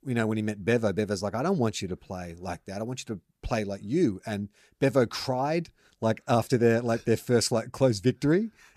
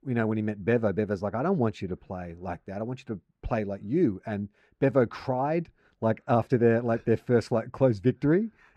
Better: first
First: none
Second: muffled; very; fading above 4 kHz

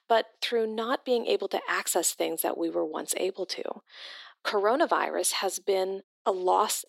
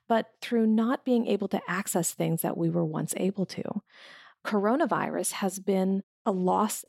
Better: second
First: thin; very; fading below 350 Hz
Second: none

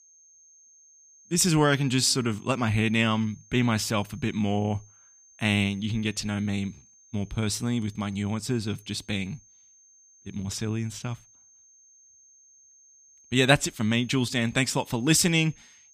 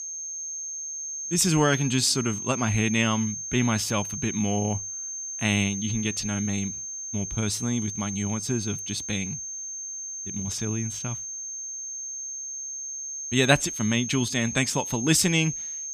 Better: first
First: high-pitched whine; faint; throughout; 6.5 kHz, 30 dB below the speech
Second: high-pitched whine; loud; throughout; 6.5 kHz, 6 dB below the speech

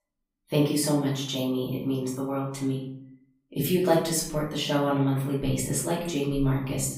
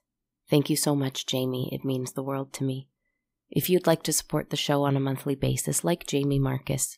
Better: second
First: room echo; noticeable; dies away in 0.5 s // off-mic speech; far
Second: none

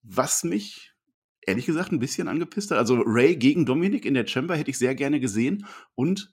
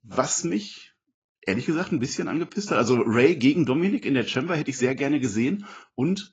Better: first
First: none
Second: garbled, watery; badly; nothing above 7.5 kHz

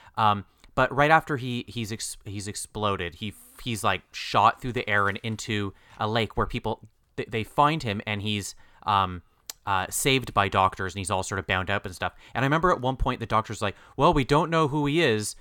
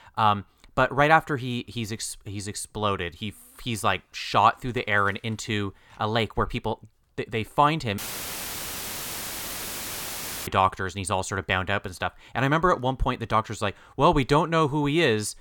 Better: first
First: none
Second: audio cutting out; filled with static; at 8 s for 2.5 s

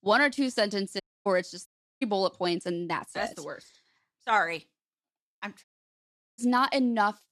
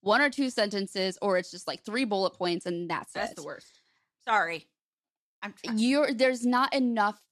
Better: second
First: audio cutting out; at 1 s, at 1.5 s and at 5.5 s for 0.5 s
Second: none

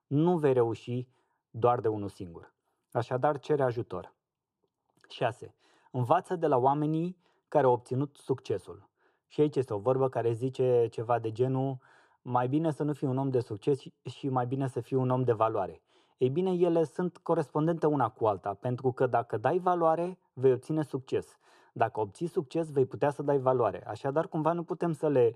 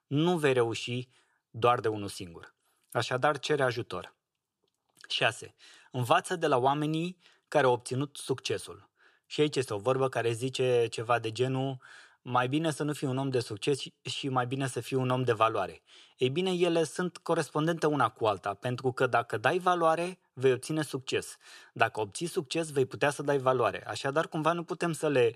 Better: second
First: muffled; slightly; fading above 1 kHz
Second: none

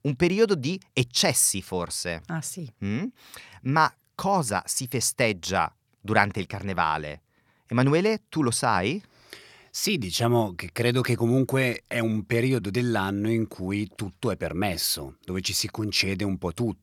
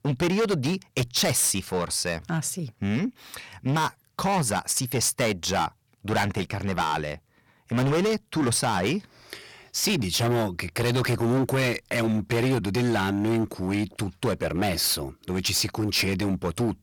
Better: first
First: none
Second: distortion; heavy; 15% of the sound clipped

